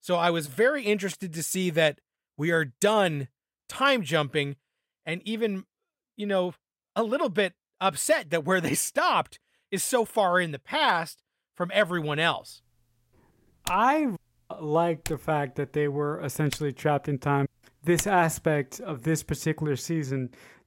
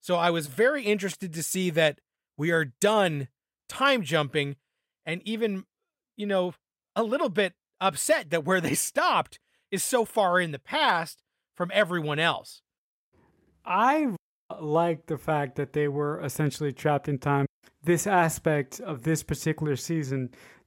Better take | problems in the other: second | keyboard typing; noticeable; from 14 to 18 s; peak 9 dB below the speech

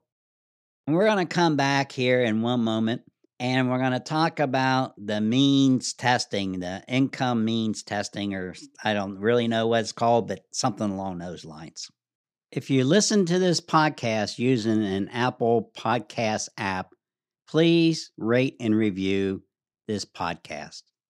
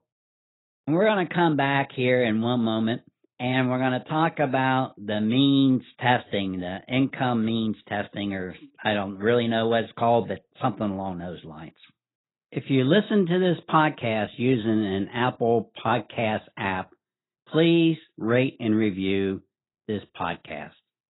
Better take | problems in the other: first | garbled, watery; badly; nothing above 4 kHz

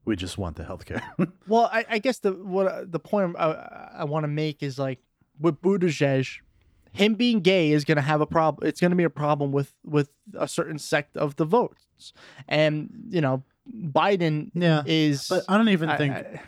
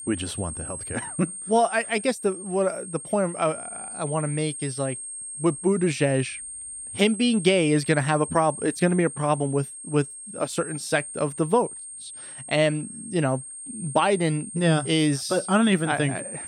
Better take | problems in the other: first | high-pitched whine; loud; throughout; 8.5 kHz, 10 dB below the speech

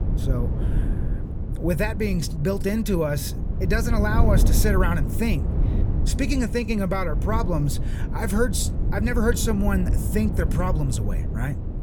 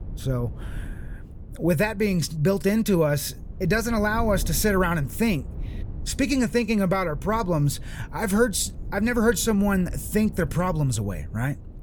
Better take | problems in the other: second | wind noise on the microphone; heavy; 10 dB below the speech; occasional gusts in the second

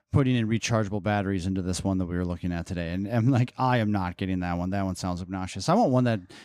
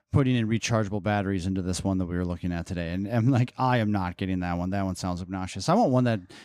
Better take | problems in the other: neither | none

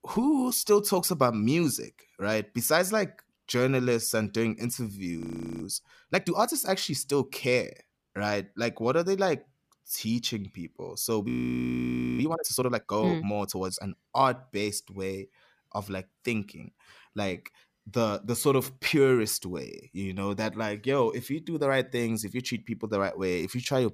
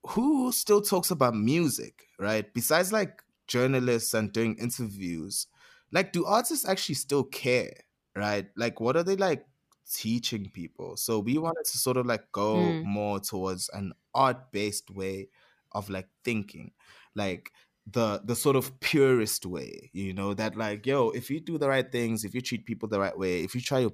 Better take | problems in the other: second | audio freezing; at 5 s and at 11 s for 1 s

